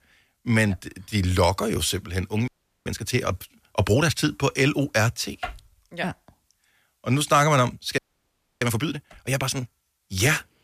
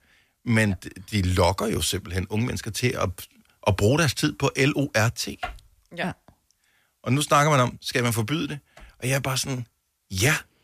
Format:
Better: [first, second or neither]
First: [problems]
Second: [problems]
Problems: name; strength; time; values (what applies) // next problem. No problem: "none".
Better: second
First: audio freezing; at 2.5 s and at 8 s for 0.5 s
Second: none